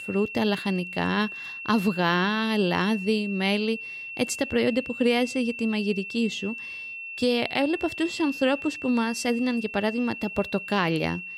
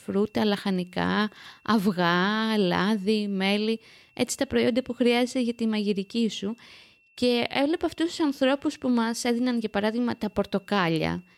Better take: second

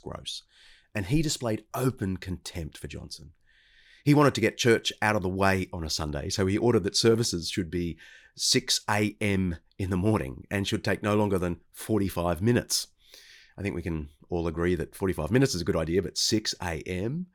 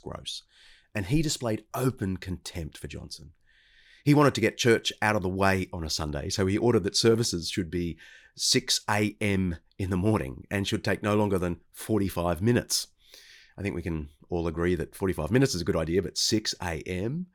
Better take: neither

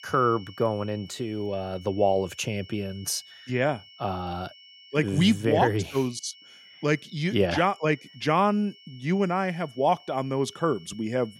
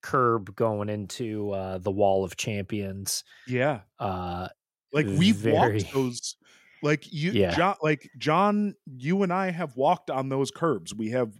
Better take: second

